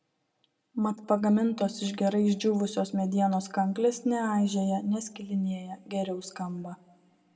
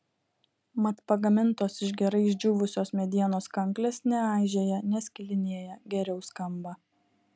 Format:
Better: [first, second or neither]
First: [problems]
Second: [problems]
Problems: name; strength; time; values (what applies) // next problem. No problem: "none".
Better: second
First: room echo; dies away in 0.6 s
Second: none